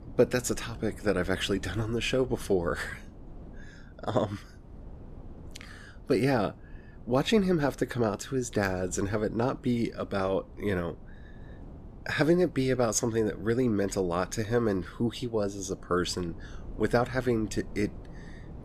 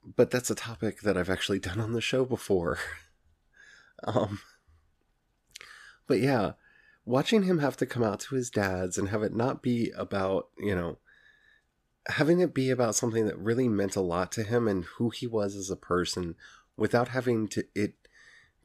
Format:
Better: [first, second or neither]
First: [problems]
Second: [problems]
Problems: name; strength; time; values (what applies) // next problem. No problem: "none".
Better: second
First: wind noise on the microphone; occasional gusts; 25 dB below the speech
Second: none